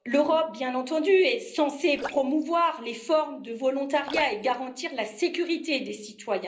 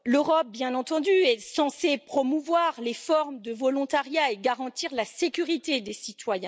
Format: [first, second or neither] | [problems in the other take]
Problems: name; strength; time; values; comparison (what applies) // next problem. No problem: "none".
second | noise reduction (neural separator model SepFormer DNS4)